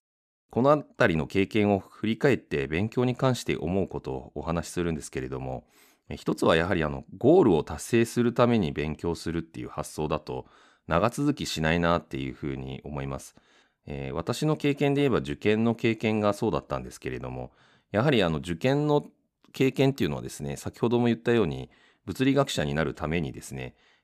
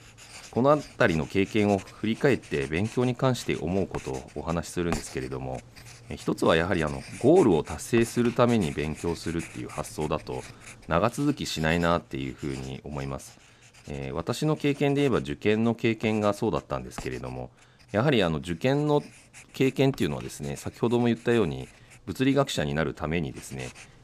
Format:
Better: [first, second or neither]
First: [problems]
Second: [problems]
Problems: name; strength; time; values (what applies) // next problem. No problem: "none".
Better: first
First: none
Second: household noises; noticeable; throughout; 20 dB below the speech